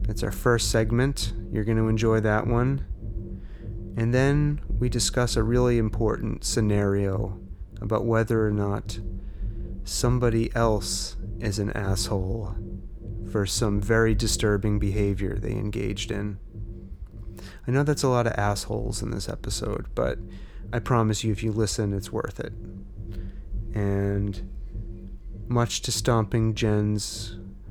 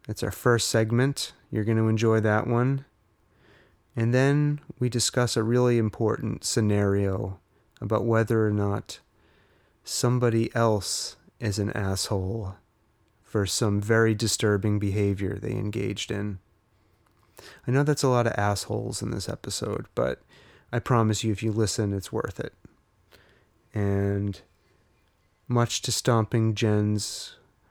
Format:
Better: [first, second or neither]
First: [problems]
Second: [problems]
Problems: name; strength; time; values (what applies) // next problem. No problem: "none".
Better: second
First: low rumble; faint; throughout; 20 dB below the speech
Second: none